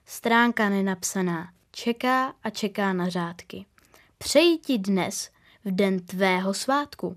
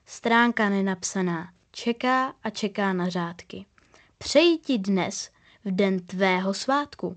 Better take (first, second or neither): first